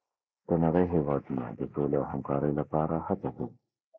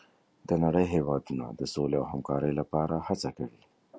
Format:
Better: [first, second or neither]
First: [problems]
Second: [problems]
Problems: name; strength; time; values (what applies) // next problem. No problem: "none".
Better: second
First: noise reduction (neural mask model Resemble Enhance denoiser)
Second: none